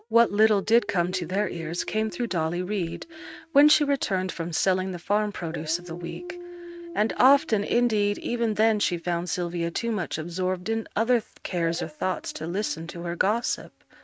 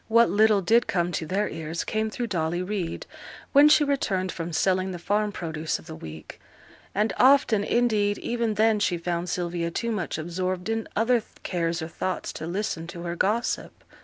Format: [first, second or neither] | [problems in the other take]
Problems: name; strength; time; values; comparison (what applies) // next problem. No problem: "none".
second | noise reduction (neural mask model RNNoise)